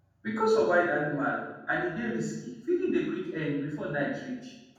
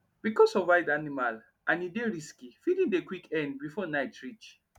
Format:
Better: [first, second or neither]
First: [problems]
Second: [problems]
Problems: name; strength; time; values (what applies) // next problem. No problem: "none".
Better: second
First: room echo; dies away in 1.1 s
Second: none